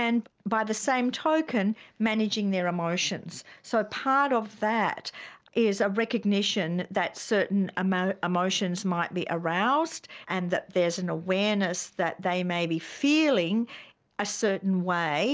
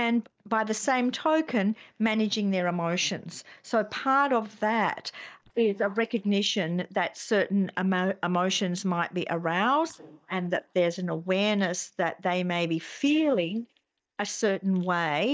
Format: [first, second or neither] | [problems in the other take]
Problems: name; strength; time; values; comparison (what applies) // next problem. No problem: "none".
first | noise reduction (neural mask model DeepFilterNet 3)